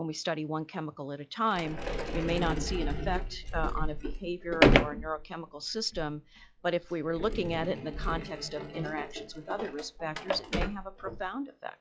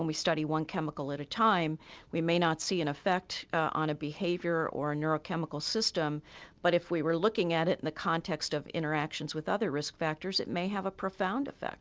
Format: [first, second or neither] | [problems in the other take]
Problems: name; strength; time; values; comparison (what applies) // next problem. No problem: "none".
second | noise reduction (classical method log-MMSE)